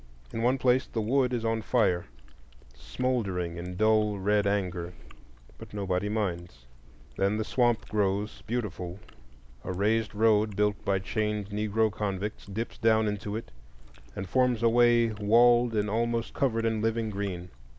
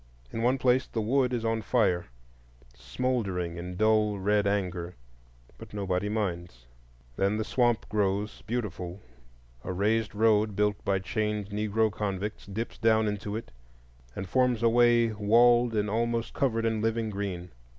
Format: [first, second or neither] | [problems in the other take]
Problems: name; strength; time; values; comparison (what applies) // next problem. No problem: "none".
second | background sound (Chewing, mastication); 17 dB below the speech